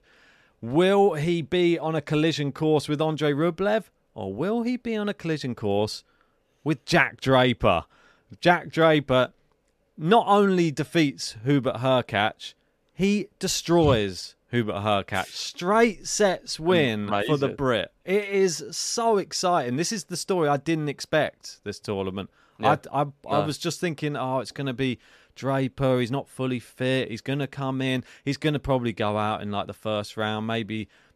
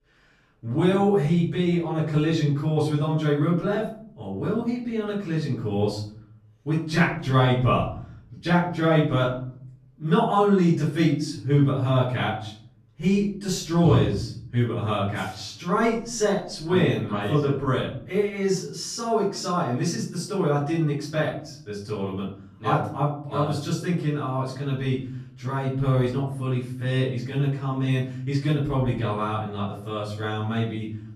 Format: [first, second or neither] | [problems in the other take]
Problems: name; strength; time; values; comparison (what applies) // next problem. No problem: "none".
first | off-mic speech; far // room echo; noticeable; dies away in 0.9 s